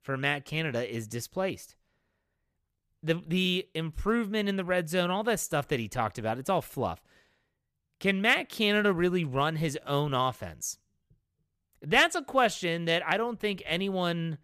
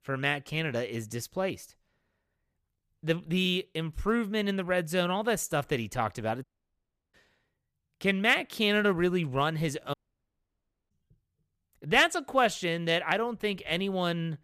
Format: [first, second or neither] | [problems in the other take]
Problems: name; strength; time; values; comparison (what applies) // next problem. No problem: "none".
first | audio cutting out; at 6.5 s for 0.5 s and at 10 s for 1 s